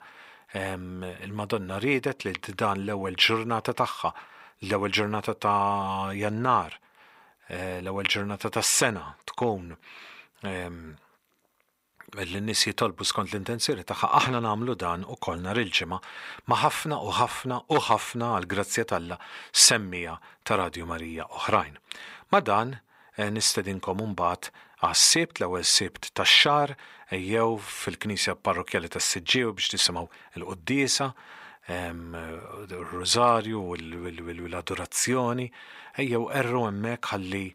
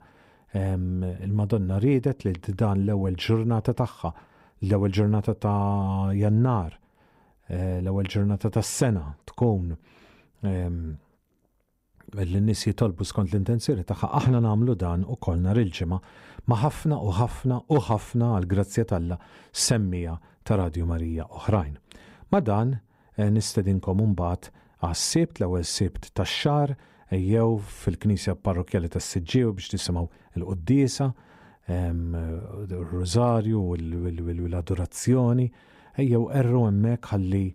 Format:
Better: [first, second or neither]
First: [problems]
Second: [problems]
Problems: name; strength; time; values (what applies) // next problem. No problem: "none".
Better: second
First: thin; somewhat; fading below 1 kHz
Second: none